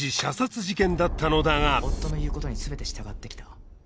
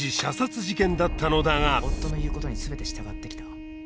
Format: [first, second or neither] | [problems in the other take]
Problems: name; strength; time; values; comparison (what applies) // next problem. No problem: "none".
first | background sound (Trumpet); 14 dB below the speech